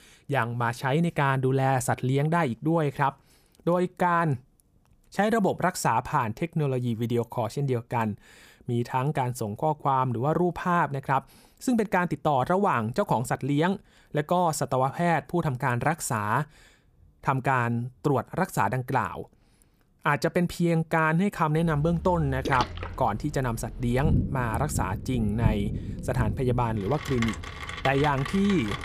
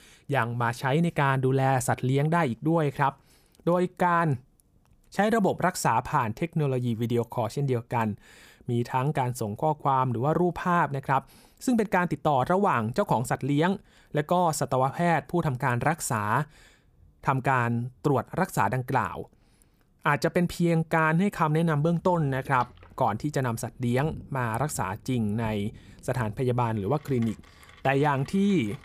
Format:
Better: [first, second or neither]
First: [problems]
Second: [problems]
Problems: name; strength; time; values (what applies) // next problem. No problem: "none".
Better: second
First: rain or running water; loud; from 22 s on; 6 dB below the speech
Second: rain or running water; faint; from 22 s on; 20 dB below the speech